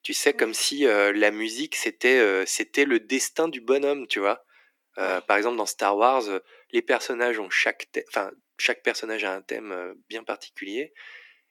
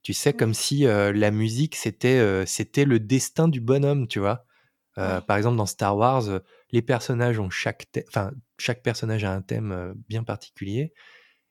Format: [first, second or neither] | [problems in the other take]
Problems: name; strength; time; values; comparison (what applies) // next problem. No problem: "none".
second | thin; somewhat; fading below 300 Hz